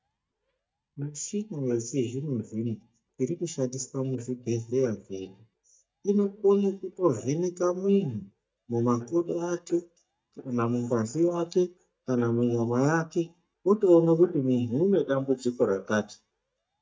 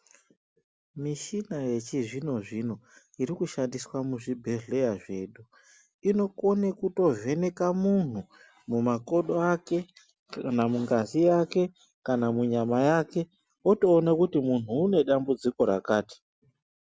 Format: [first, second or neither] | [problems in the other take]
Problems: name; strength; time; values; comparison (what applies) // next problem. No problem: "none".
second | noise reduction (neural mask model DeepFilterNet 3)